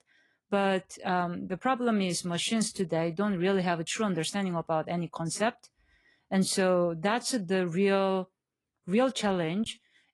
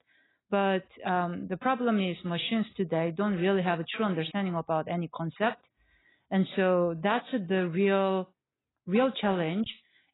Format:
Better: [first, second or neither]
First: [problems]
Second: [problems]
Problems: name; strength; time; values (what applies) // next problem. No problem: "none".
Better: first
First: garbled, watery; slightly; nothing above 10.5 kHz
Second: garbled, watery; badly; nothing above 4 kHz